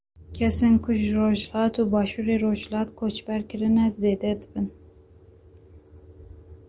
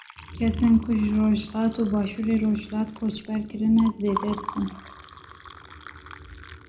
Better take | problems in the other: first | background sound (Liquid); 16 dB below the speech // room echo; dies away in 0.3 s

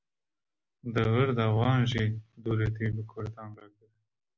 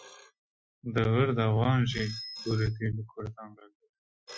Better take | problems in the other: first | noise reduction (classical method Wiener filter)

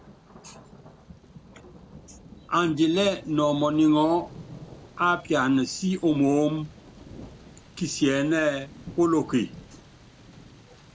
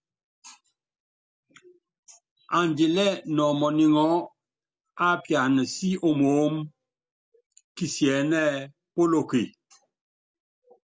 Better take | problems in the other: second | background sound (Thunder); 20 dB below the speech

